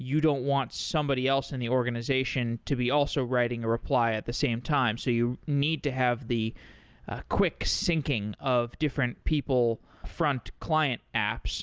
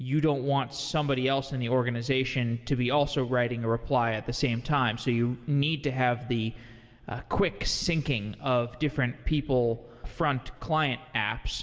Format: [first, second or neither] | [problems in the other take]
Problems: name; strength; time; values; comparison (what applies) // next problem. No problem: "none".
first | room echo; dies away in 1.2 s